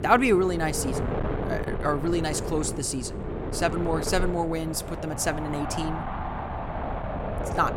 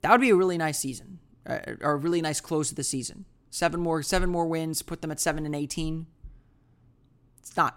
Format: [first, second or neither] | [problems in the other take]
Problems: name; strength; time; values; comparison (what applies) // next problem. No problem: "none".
second | wind noise on the microphone; heavy; 6 dB below the speech